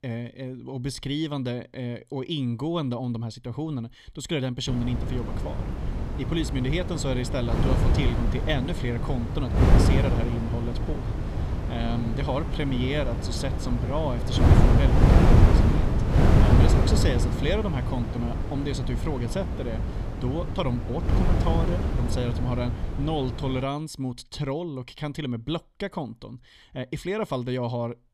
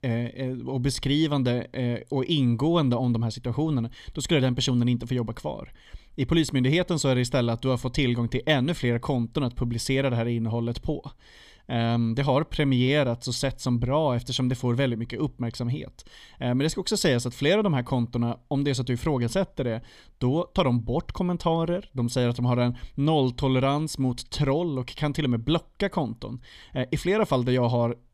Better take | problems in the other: second | wind noise on the microphone; heavy; from 4.5 to 24 s; as loud as the speech

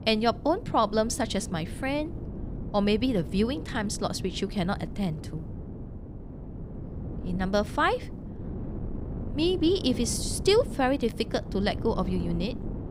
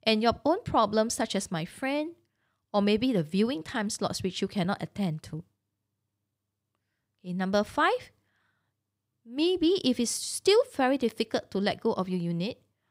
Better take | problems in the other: second | wind noise on the microphone; occasional gusts; 15 dB below the speech

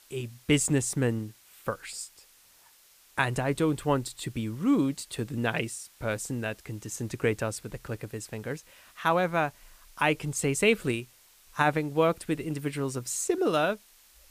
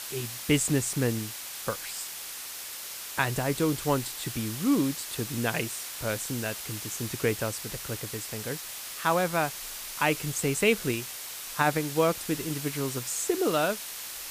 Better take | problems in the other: first | hiss; loud; throughout; 6 dB below the speech; faint in the first

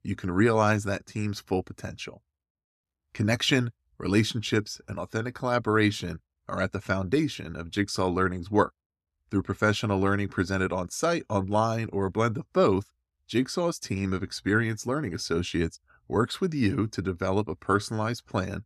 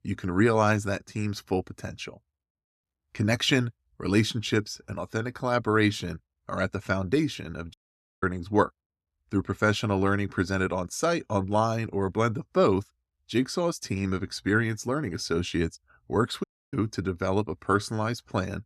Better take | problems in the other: first | audio cutting out; at 7.5 s and at 16 s

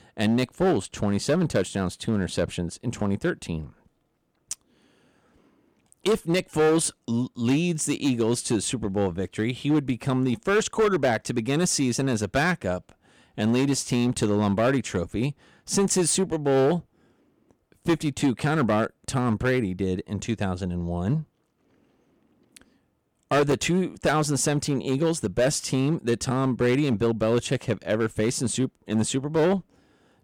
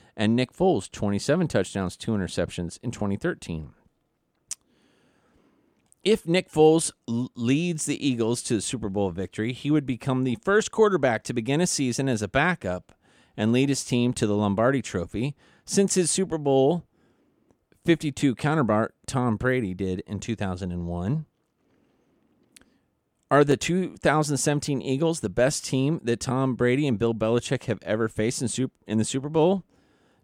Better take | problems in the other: second | distortion; slight; 6% of the sound clipped

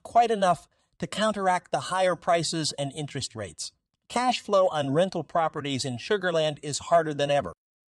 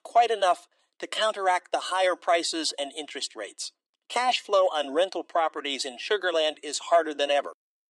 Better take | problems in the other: first | thin; somewhat; fading below 300 Hz

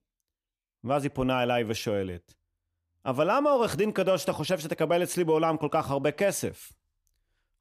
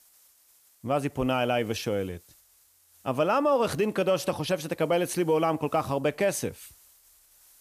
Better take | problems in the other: first | hiss; faint; throughout; 30 dB below the speech

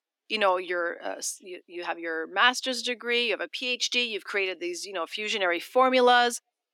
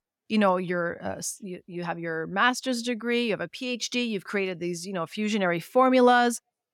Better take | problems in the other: second | thin; somewhat; fading below 300 Hz

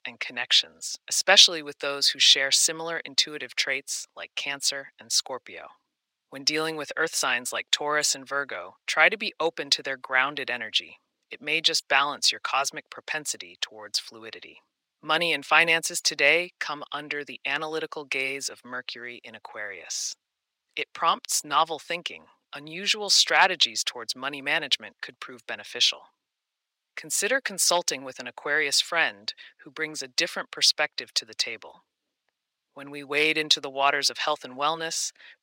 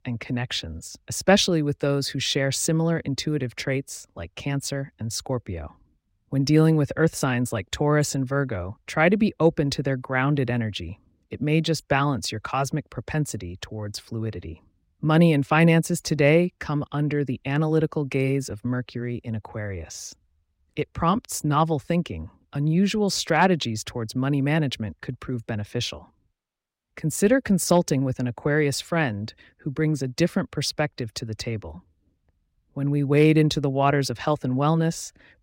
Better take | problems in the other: second | thin; very; fading below 750 Hz

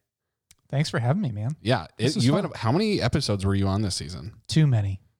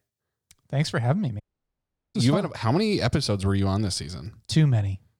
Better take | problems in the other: first | audio cutting out; at 1.5 s for 0.5 s

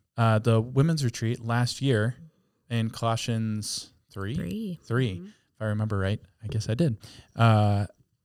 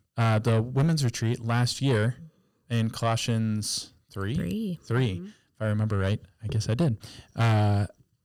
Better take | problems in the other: first | distortion; slight; 10 dB below the speech

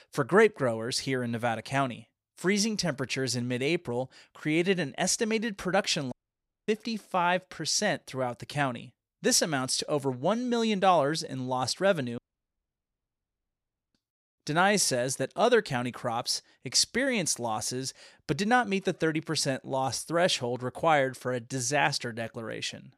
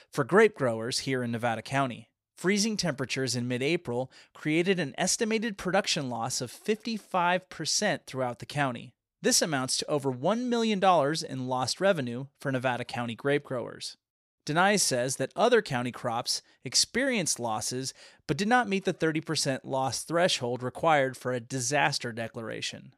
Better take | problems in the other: second | audio cutting out; at 6 s for 0.5 s and at 12 s for 2 s

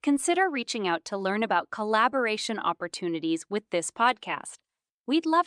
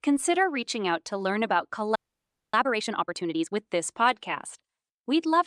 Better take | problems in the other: first | audio freezing; at 2 s for 0.5 s

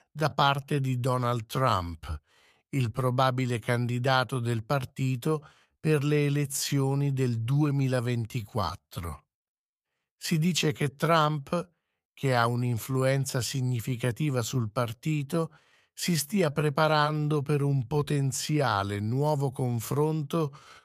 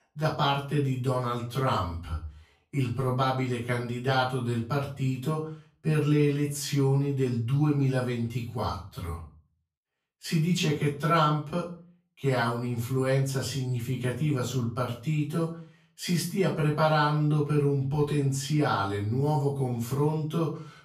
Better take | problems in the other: first | off-mic speech; far // room echo; slight; dies away in 0.4 s

